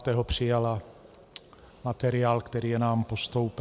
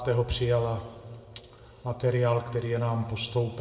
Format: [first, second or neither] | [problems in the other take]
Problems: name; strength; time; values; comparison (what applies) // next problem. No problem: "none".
first | room echo; dies away in 1.7 s